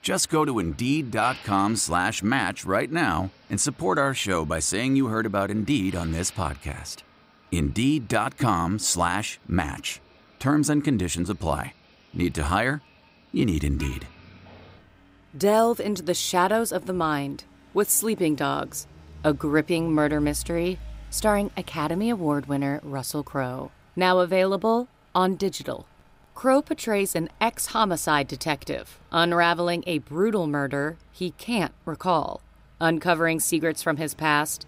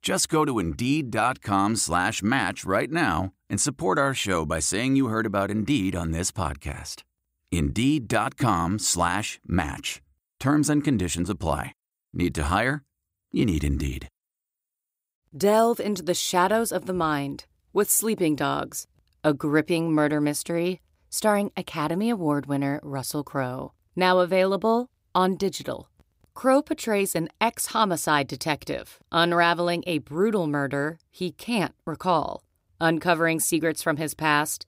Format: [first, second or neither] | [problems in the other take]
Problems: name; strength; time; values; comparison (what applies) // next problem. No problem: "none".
second | traffic noise; faint; throughout; 25 dB below the speech